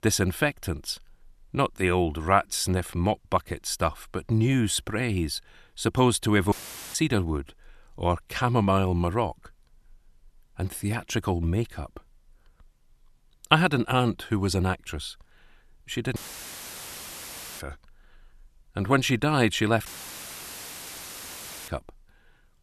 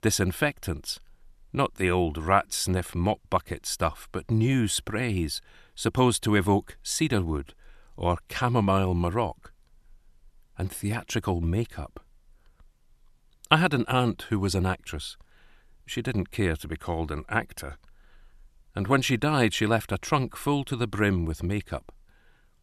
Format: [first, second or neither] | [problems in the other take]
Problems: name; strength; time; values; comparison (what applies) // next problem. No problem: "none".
second | audio cutting out; filled with static; at 6.5 s, at 16 s for 1.5 s and at 20 s for 2 s